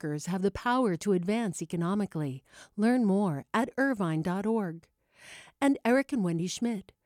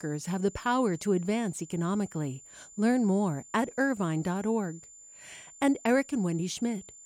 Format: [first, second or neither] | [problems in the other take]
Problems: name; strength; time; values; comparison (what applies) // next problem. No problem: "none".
first | high-pitched whine; noticeable; throughout; 7 kHz, 20 dB below the speech